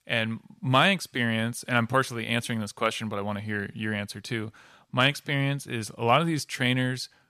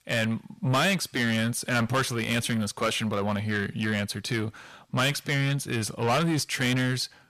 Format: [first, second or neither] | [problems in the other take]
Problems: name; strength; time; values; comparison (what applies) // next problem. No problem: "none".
first | distortion; heavy; 6 dB below the speech